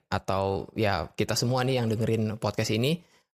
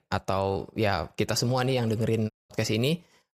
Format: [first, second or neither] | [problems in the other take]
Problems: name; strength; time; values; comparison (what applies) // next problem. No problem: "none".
first | audio cutting out; at 2.5 s